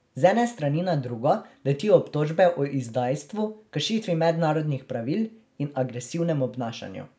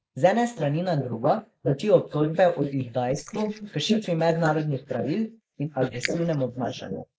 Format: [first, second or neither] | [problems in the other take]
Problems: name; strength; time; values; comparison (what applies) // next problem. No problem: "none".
first | noise reduction (neural mask model Resemble Enhance denoiser)